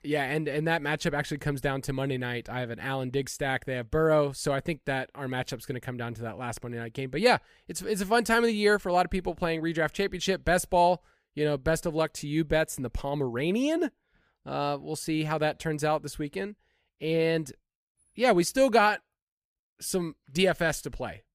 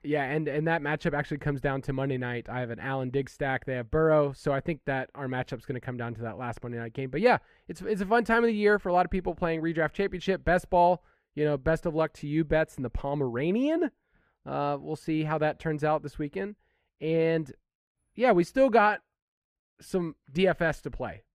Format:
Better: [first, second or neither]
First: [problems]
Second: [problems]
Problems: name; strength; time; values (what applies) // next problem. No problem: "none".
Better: first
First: none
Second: muffled; slightly; fading above 3.5 kHz